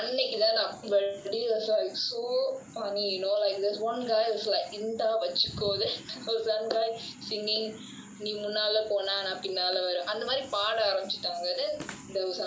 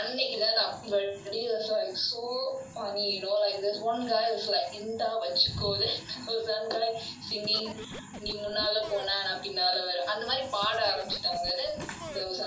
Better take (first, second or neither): first